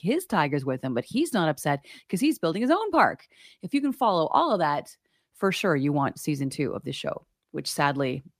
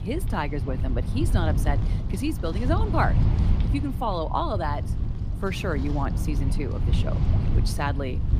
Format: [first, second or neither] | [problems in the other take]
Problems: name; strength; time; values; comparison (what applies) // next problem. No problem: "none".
first | wind noise on the microphone; heavy; 9 dB below the speech